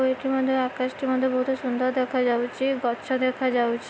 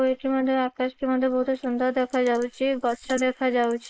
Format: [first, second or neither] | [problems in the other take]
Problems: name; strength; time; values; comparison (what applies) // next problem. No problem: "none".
first | noise reduction (neural mask model Resemble Enhance denoiser)